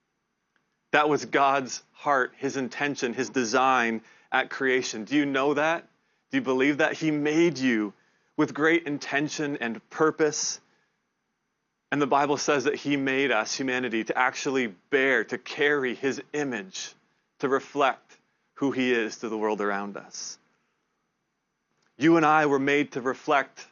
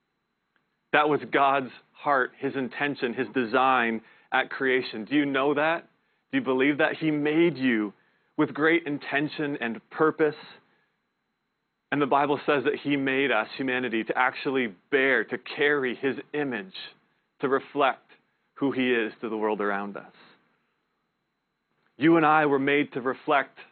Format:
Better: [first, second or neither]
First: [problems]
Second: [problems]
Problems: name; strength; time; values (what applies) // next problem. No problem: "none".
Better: first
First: garbled, watery; slightly; nothing above 6.5 kHz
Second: garbled, watery; badly; nothing above 4 kHz